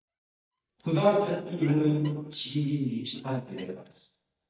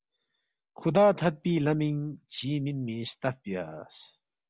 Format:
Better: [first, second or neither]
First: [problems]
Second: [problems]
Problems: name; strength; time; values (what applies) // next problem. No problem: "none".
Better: second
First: noise reduction (neural mask model DeepFilterNet 3)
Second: none